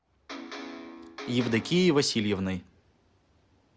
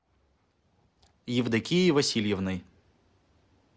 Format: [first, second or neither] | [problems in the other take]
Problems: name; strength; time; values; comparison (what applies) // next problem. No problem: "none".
second | background sound (Electric guitar); 12 dB below the speech